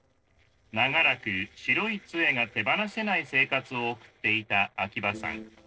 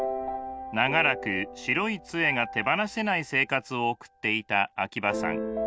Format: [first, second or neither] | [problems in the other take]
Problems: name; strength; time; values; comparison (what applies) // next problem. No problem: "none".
second | noise reduction (neural separator model SepFormer DNS4)